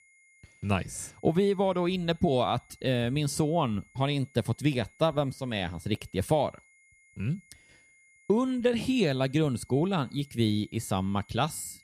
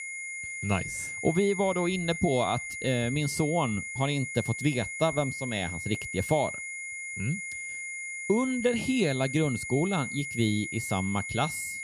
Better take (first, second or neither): first